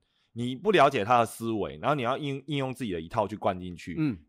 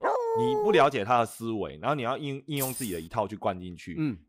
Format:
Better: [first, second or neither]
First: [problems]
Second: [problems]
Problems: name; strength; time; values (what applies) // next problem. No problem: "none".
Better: first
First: none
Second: dog barking; loud; at the start; peak 2 dB above the speech // jangling keys; noticeable; at 2.5 s; peak 4 dB below the speech